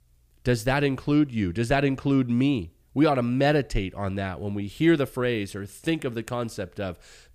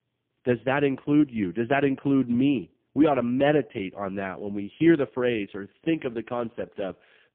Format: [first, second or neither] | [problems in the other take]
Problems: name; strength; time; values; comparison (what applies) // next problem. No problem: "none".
first | phone-call audio; poor line; nothing above 3 kHz